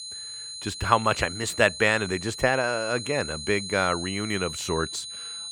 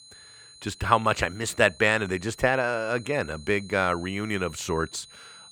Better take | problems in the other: second | high-pitched whine; loud; throughout; 4 kHz, 9 dB below the speech; faint in the second

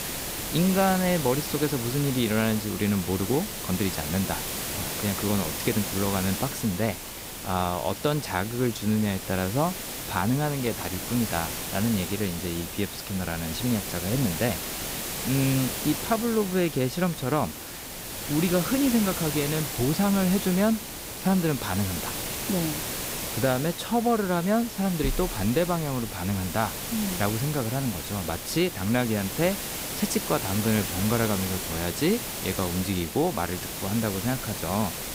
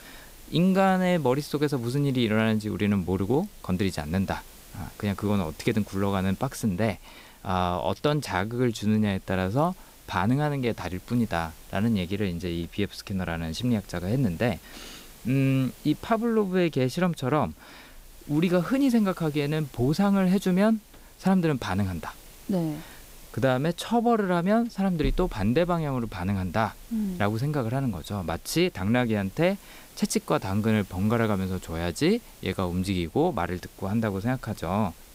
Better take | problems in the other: second | hiss; loud; throughout; 4 dB below the speech; faint in the second

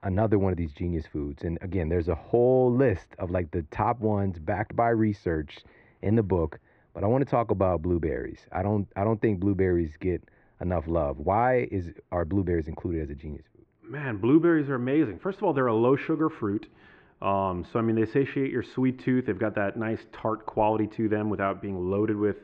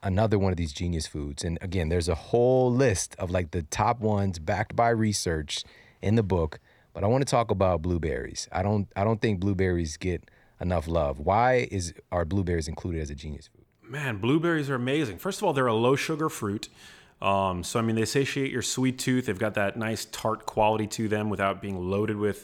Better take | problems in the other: second | muffled; very; fading above 2 kHz

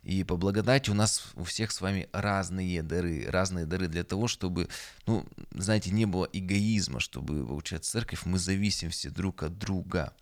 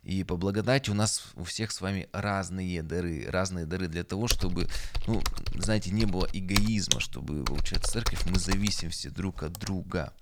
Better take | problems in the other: first | keyboard typing; loud; from 4.5 to 9.5 s; peak 2 dB above the speech

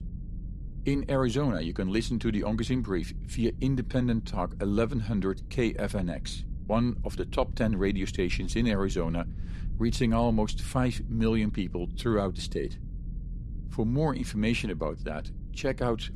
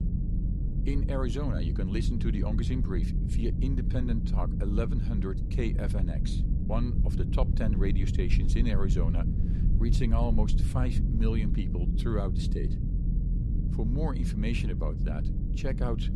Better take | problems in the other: first | low rumble; loud; throughout; 4 dB below the speech; faint in the first

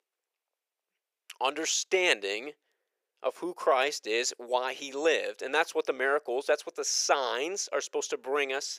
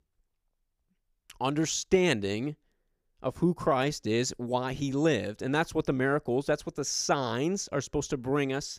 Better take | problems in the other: second | thin; very; fading below 450 Hz

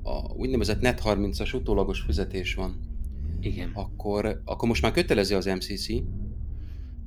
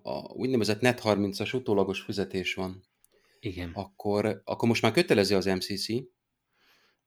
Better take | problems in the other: second | low rumble; faint; throughout; 20 dB below the speech

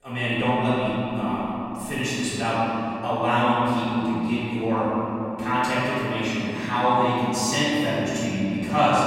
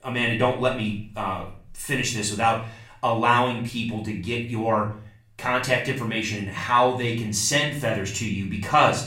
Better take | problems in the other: second | room echo; strong; dies away in 3 s; slight in the second // off-mic speech; far; far in the second

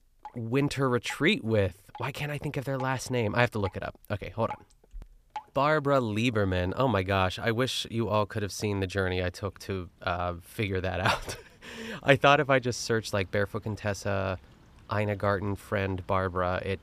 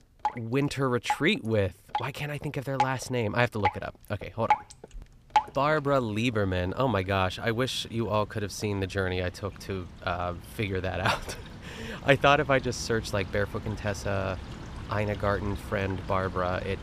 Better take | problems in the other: first | rain or running water; loud; throughout; 7 dB below the speech; faint in the first

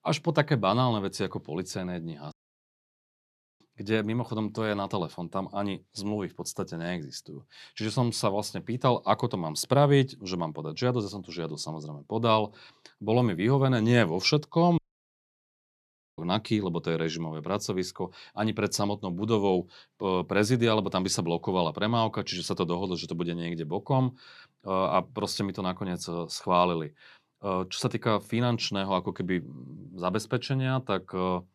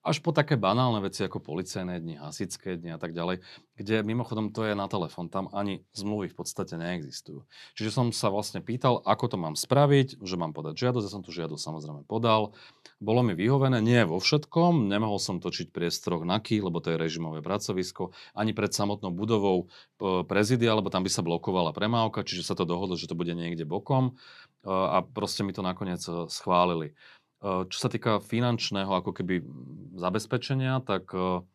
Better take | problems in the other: second | audio cutting out; at 2.5 s for 1.5 s and at 15 s for 1.5 s

